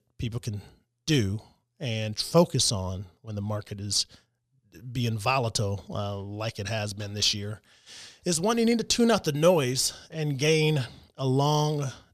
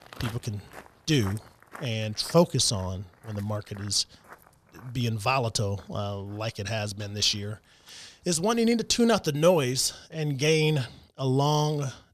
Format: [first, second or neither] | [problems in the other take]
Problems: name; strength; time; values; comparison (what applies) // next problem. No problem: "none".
first | footsteps; faint; until 6 s; peak 15 dB below the speech